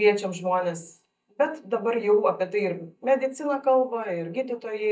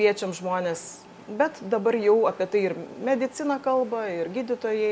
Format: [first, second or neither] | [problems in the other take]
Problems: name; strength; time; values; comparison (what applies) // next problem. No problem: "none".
second | noise reduction (neural mask model DeepFilterNet 3)